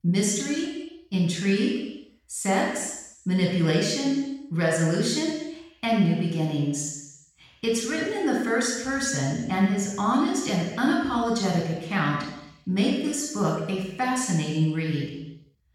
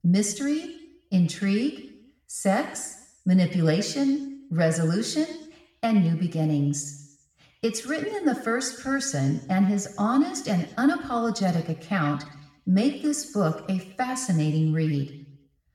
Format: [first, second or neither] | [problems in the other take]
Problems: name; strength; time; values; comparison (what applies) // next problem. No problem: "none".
second | room echo; strong; dies away in 0.9 s; slight in the second // off-mic speech; far; somewhat distant in the second